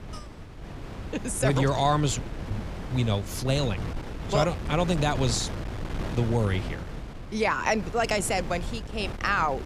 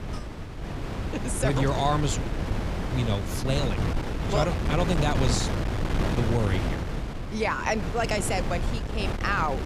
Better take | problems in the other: first | wind noise on the microphone; heavy; 5 dB below the speech; occasional gusts in the first

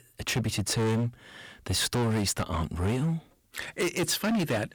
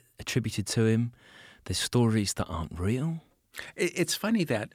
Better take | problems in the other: second | distortion; heavy; 18% of the sound clipped

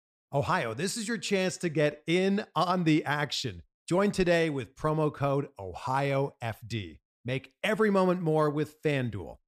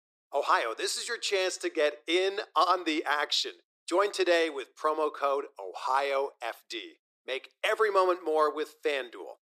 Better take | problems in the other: first | thin; very; fading below 350 Hz

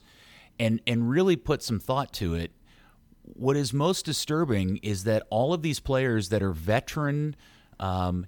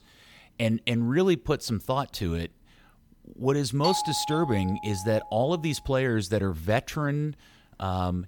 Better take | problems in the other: first | doorbell; noticeable; from 4 to 5.5 s; peak 2 dB below the speech

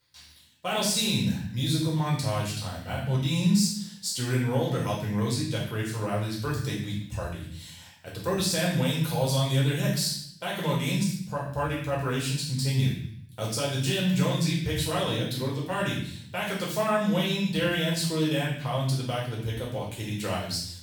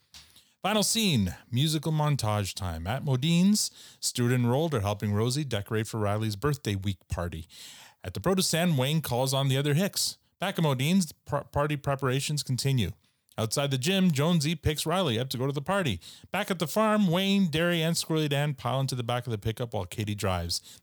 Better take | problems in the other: second | room echo; noticeable; dies away in 0.6 s // off-mic speech; far

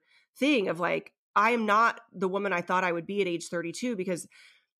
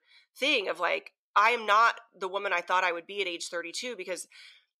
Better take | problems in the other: first | thin; very; fading below 600 Hz

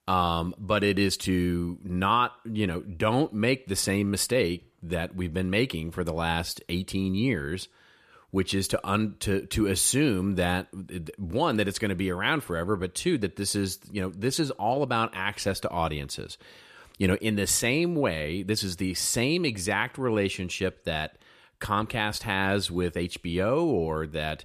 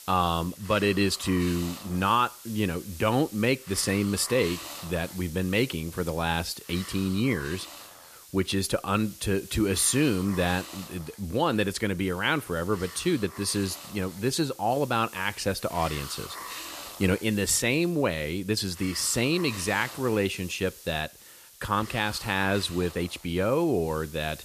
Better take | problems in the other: first | hiss; noticeable; throughout; 15 dB below the speech

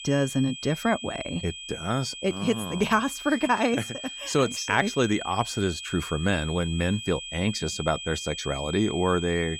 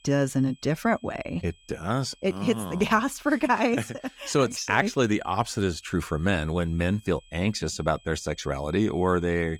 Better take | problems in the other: second | high-pitched whine; loud; throughout; 3 kHz, 9 dB below the speech; faint in the second

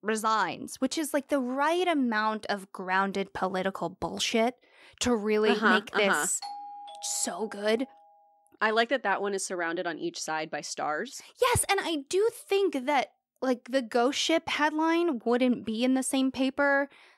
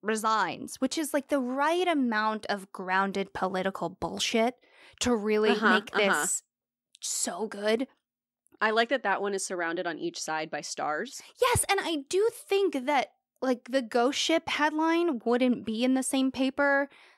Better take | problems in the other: second | doorbell; faint; from 6.5 to 8 s; peak 10 dB below the speech

